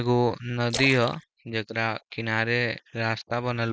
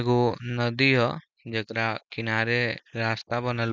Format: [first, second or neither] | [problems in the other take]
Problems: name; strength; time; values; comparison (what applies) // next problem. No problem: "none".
second | background sound (Splash, splatter); 14 dB below the speech